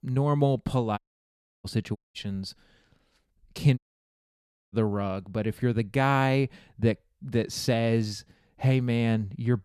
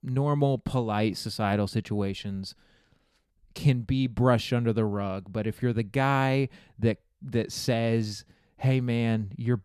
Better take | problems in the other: second | audio cutting out; at 1 s for 0.5 s, at 2 s and at 4 s for 1 s

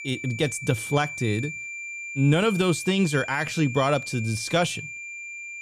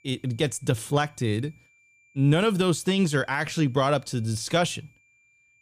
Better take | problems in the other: second | high-pitched whine; loud; throughout; 2.5 kHz, 9 dB below the speech; faint in the second

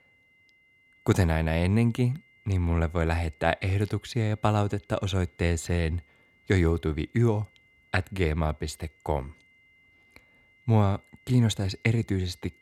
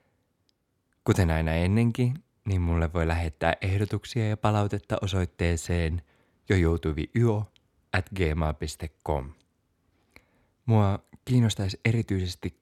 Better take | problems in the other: second | high-pitched whine; faint; throughout; 2 kHz, 30 dB below the speech

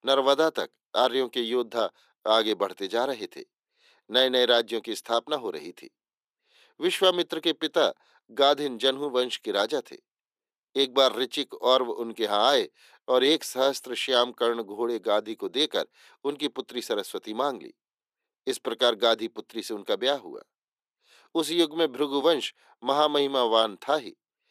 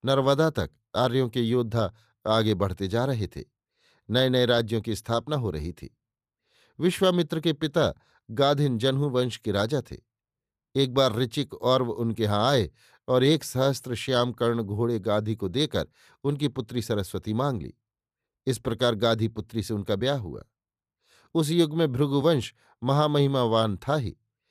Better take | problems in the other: second | thin; somewhat; fading below 300 Hz

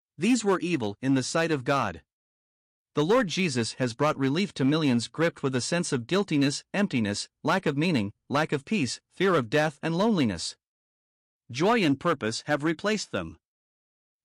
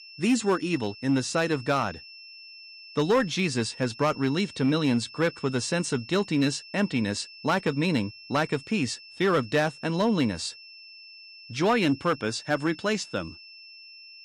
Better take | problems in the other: first | high-pitched whine; noticeable; throughout; 5.5 kHz, 20 dB below the speech

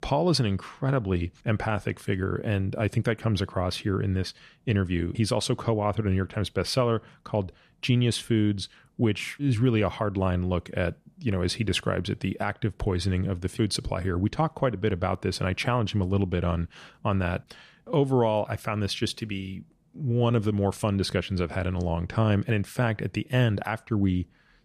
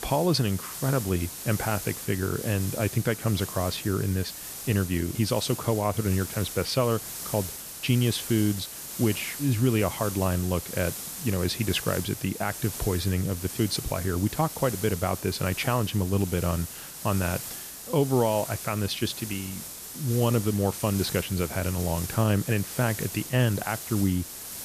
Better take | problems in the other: first | hiss; loud; throughout; 8 dB below the speech

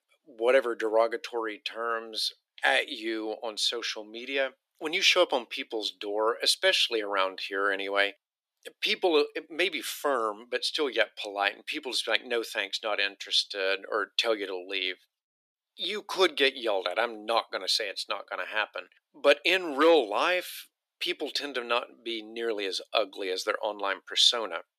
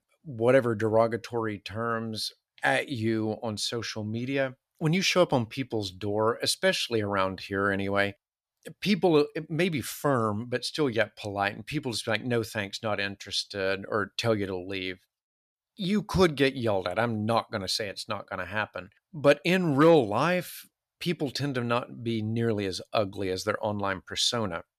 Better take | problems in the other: second | thin; somewhat; fading below 350 Hz

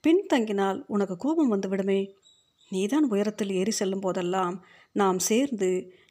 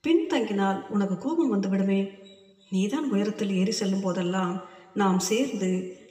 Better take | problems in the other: first | room echo; slight; dies away in 1.3 s // off-mic speech; somewhat distant

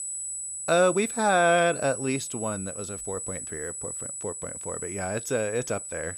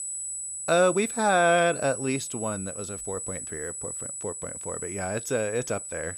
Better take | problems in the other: neither | high-pitched whine; loud; throughout; 8 kHz, 7 dB below the speech; the same in both

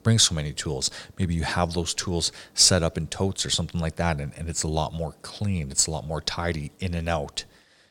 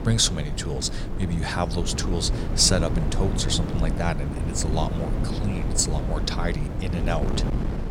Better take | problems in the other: first | wind noise on the microphone; heavy; 8 dB below the speech

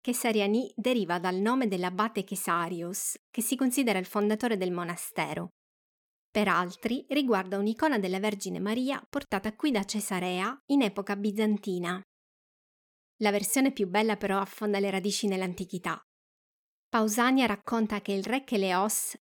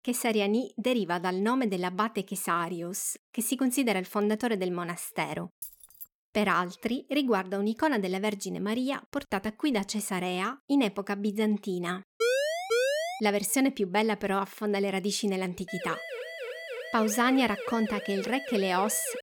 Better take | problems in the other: first | jangling keys; faint; at 5.5 s; peak 15 dB below the speech // siren; loud; from 12 to 13 s; peak 2 dB above the speech // siren; noticeable; from 16 s on; peak 8 dB below the speech

